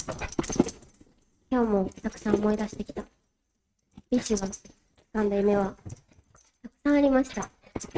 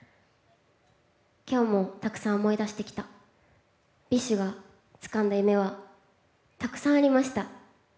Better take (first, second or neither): second